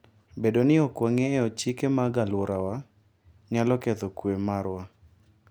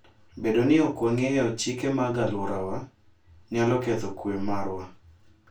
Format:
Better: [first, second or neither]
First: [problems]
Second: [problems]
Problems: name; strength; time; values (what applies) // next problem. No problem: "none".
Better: first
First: none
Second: room echo; dies away in 0.2 s